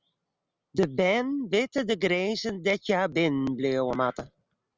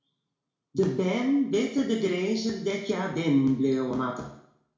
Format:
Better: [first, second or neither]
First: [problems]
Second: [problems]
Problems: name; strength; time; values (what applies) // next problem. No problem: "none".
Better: first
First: none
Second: room echo; dies away in 0.6 s